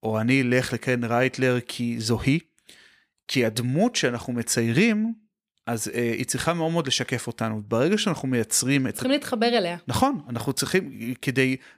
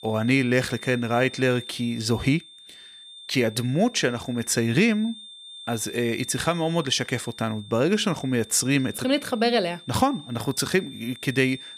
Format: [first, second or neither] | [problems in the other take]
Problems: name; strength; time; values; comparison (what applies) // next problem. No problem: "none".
first | high-pitched whine; noticeable; throughout; 3.5 kHz, 15 dB below the speech